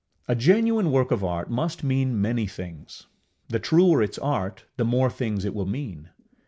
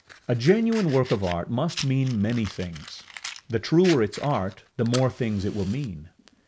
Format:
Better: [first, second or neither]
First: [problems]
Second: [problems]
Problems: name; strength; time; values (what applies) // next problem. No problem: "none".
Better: first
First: none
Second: background sound (Fire); 16 dB below the speech